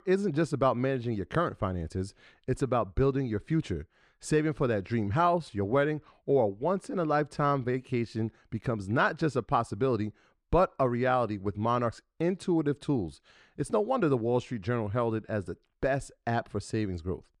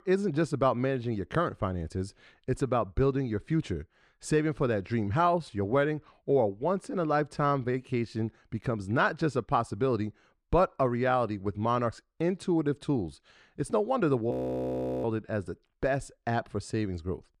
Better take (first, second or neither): first